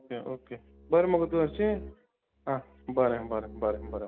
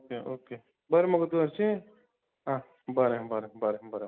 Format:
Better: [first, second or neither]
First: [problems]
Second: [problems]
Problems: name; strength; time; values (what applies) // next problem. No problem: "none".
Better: second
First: background sound (Bowed string instrument); 16 dB below the speech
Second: none